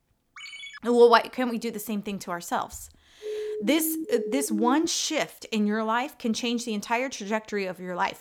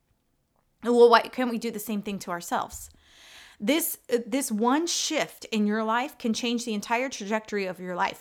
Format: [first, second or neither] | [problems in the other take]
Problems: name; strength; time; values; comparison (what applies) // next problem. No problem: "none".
second | phone ringing; faint; at 0.5 s; peak 15 dB below the speech // siren; noticeable; from 3 to 5 s; peak 6 dB below the speech